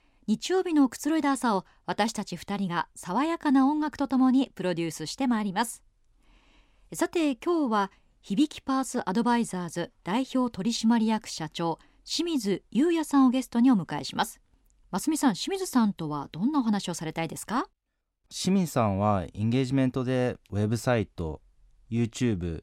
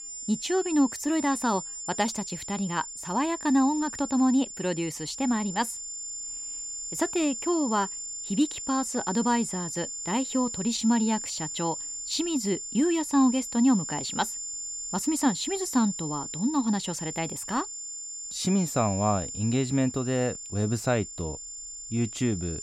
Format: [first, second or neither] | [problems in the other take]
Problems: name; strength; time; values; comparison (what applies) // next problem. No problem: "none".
first | high-pitched whine; loud; throughout; 7 kHz, 7 dB below the speech